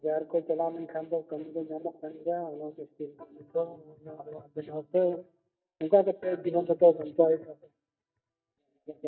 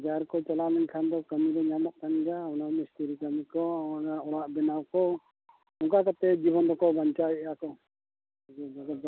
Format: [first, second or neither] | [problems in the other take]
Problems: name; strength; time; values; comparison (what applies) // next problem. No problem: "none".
second | noise reduction (neural mask model DeepFilterNet 3)